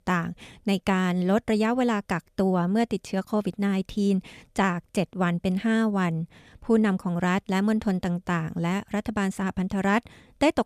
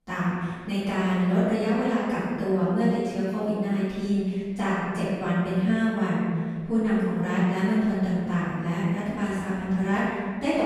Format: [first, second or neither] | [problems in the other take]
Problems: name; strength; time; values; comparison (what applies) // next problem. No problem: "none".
first | room echo; strong; dies away in 1.7 s // off-mic speech; far